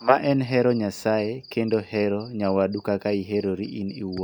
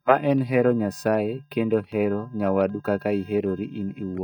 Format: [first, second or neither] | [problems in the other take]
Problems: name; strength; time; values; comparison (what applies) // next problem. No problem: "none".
first | noise reduction (neural mask model DeepFilterNet 3)